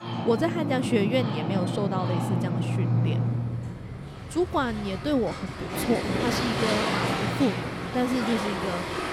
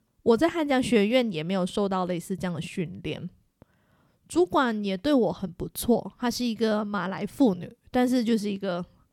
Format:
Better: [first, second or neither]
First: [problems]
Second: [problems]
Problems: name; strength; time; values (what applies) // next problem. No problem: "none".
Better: second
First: rain or running water; loud; throughout; as loud as the speech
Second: none